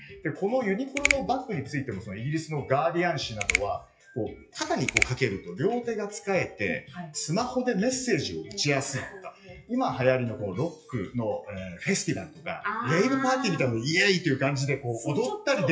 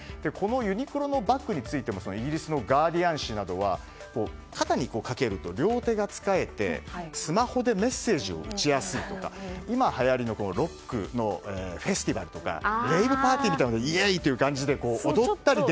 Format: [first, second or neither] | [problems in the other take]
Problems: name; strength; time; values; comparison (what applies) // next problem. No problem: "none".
second | noise reduction (classical method WPE with log-MMSE)